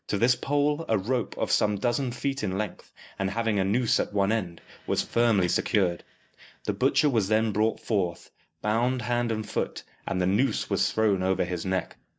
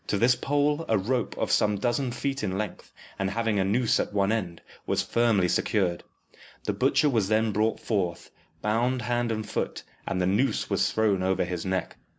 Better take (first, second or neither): second